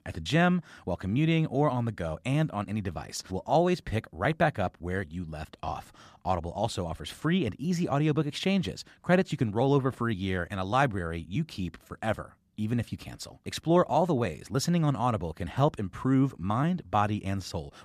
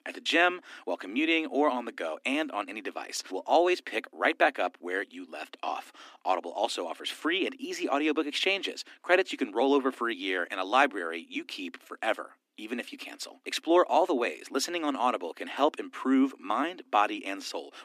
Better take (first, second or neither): first